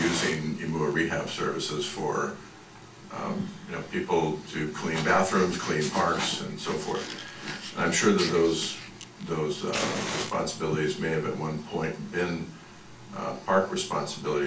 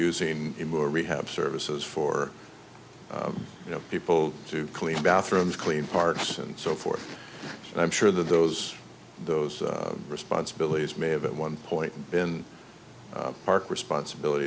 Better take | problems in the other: second | background sound (Fire); 13 dB below the speech // room echo; dies away in 0.3 s

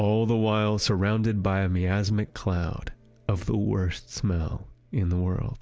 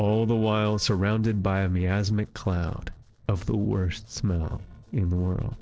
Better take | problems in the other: first | noise reduction (neural separator model SepFormer DNS4)

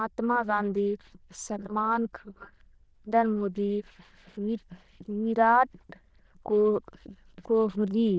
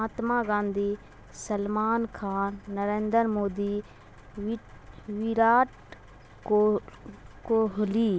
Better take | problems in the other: second | noise reduction (neural diffusion model UNIVERSE++)

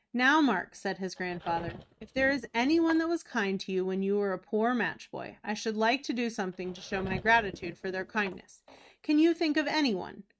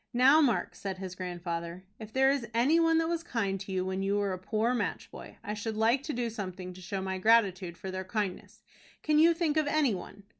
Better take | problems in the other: second | noise reduction (neural mask model RNNoise)

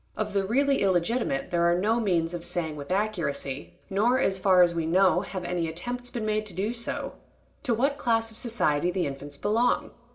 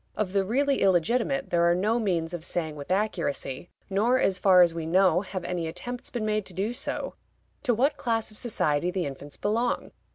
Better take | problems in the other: second | room echo; dies away in 0.4 s

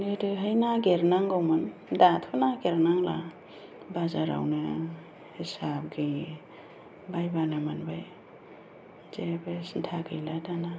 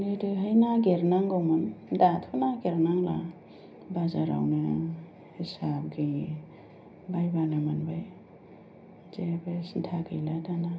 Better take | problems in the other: first | room echo; dies away in 0.5 s

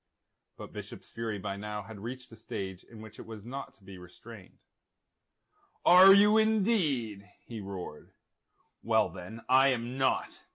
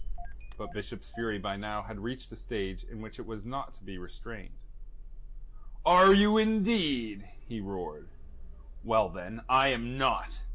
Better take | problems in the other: first | background sound (Engine starting / Car); 10 dB below the speech

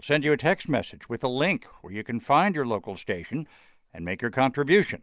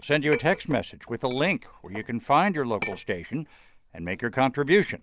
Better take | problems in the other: first | background sound (Chink, clink); 16 dB below the speech

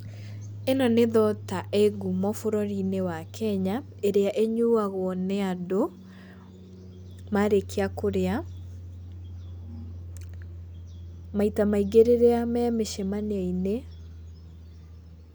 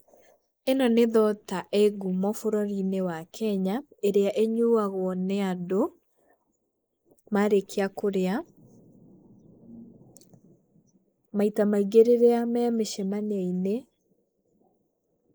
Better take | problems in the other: first | noise reduction (neural mask model Resemble Enhance denoiser)

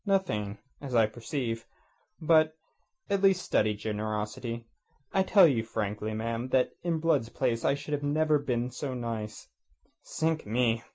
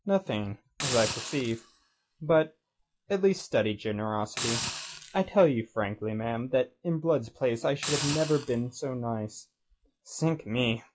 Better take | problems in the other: first | noise reduction (classical method log-MMSE)

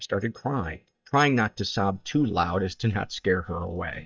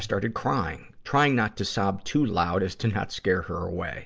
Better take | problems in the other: second | noise reduction (neural mask model DeepFilterNet 3)

